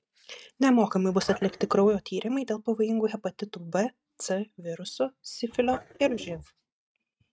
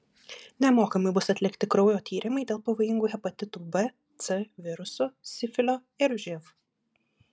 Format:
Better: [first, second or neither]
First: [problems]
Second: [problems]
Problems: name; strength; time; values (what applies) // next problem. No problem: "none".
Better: second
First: noise reduction (neural mask model RNNoise)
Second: none